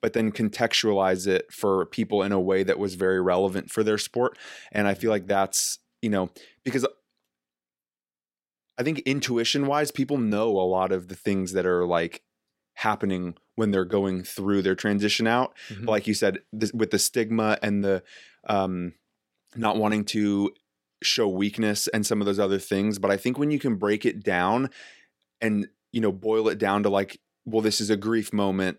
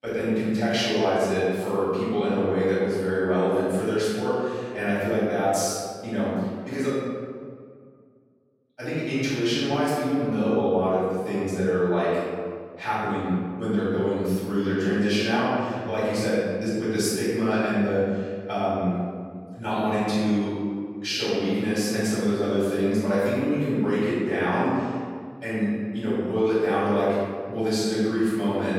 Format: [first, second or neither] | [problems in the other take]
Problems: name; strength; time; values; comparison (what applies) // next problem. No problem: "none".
first | room echo; strong; dies away in 1.9 s // off-mic speech; far